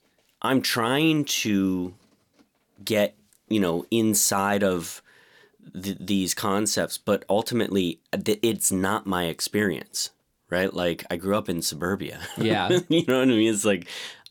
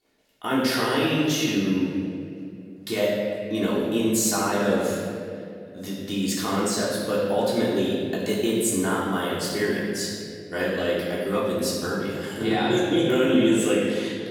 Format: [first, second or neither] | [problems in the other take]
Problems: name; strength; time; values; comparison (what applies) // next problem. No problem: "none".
first | room echo; strong; dies away in 2 s // off-mic speech; far